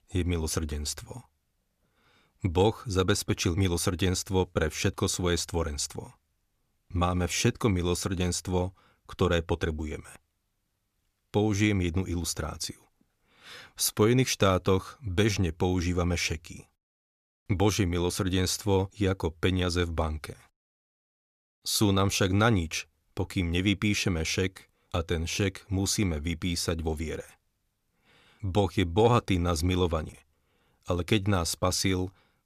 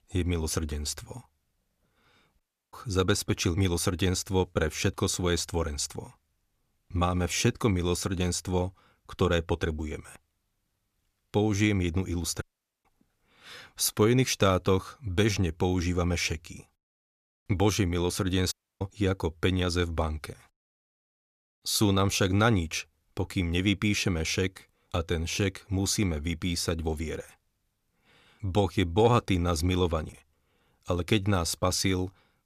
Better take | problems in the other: first | audio cutting out; at 2.5 s, at 12 s and at 19 s

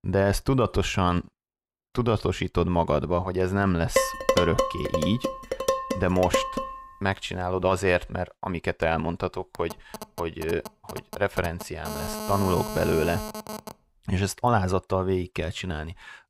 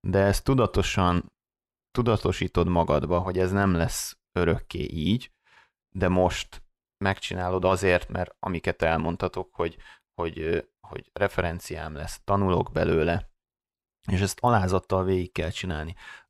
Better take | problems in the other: second | clattering dishes; loud; from 4 to 6.5 s; peak 3 dB above the speech // phone ringing; noticeable; from 9.5 to 14 s; peak 6 dB below the speech

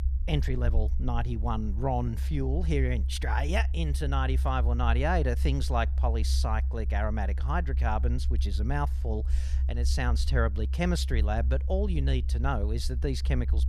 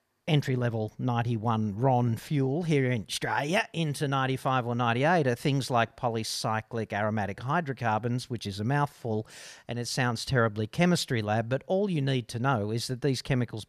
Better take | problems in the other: second | low rumble; noticeable; throughout; 15 dB below the speech

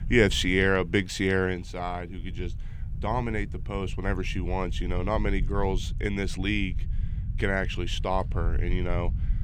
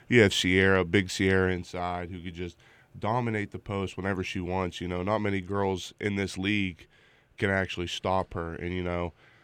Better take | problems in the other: second | low rumble; faint; throughout; 20 dB below the speech

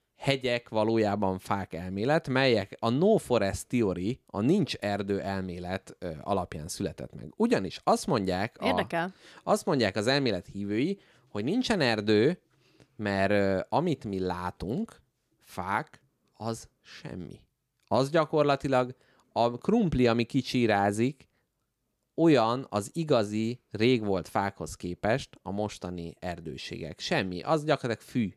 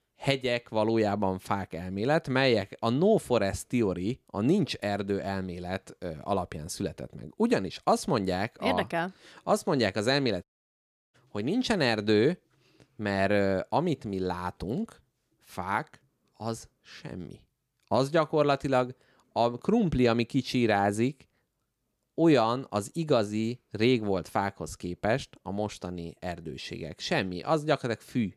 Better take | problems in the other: first | audio cutting out; at 10 s for 0.5 s

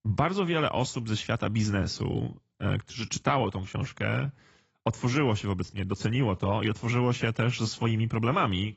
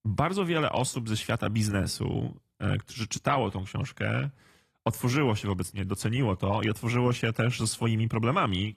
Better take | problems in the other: second | garbled, watery; badly; nothing above 7.5 kHz; slightly in the second

